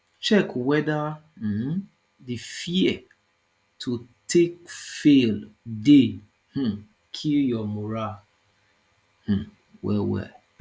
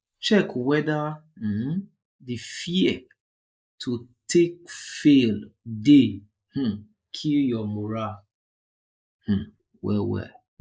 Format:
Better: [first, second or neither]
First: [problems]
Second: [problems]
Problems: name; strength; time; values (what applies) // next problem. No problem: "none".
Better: first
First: none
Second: noise reduction (neural mask model Resemble Enhance denoiser)